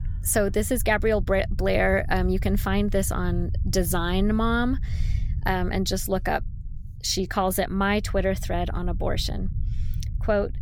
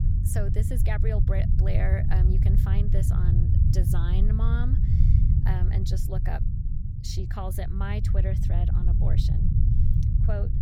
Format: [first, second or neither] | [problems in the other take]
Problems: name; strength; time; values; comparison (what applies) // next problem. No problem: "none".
first | low rumble; loud; throughout; 1 dB below the speech; faint in the first